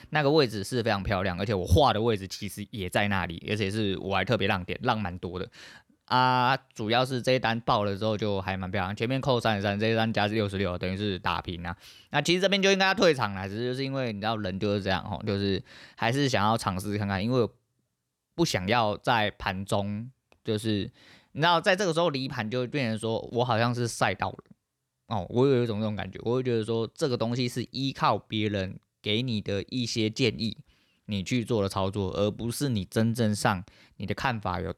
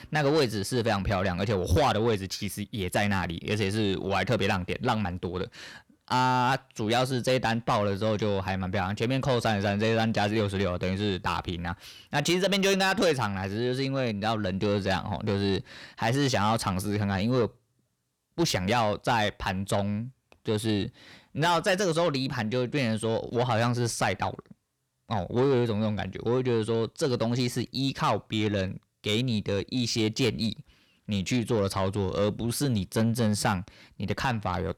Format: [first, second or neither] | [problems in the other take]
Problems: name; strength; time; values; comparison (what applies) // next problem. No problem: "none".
first | distortion; slight; 10 dB below the speech